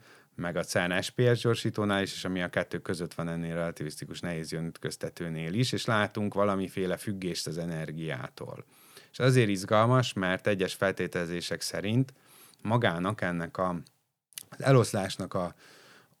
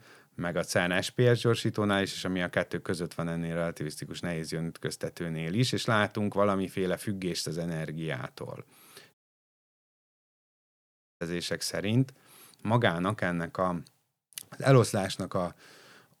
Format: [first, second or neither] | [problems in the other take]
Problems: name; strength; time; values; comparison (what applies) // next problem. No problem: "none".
first | audio cutting out; at 9 s for 2 s